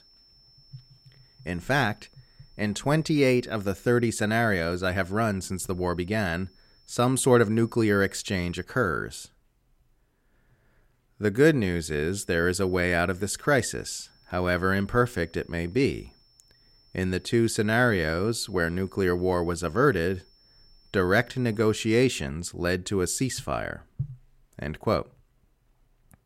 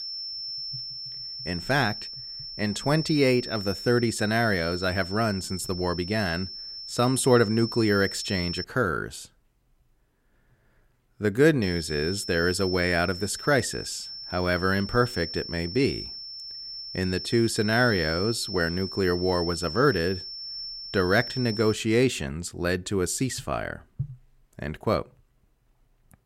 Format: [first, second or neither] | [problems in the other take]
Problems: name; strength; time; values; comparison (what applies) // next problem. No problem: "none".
first | high-pitched whine; loud; until 8.5 s and from 12 to 22 s; 5.5 kHz, 9 dB below the speech; faint in the first